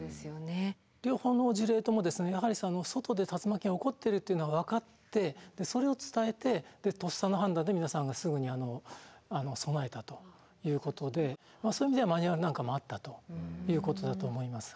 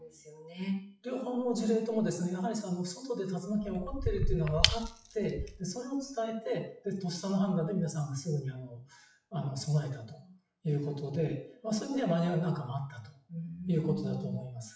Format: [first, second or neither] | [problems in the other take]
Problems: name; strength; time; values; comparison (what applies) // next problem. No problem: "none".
first | noise reduction (classical method WPE with log-MMSE)